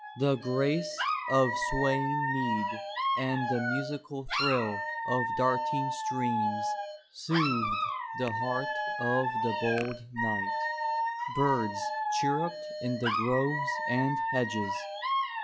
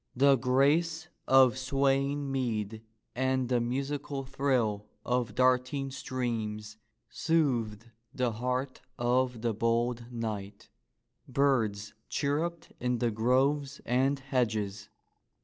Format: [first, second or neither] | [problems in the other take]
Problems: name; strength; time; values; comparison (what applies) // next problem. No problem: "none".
second | noise reduction (classical method log-MMSE)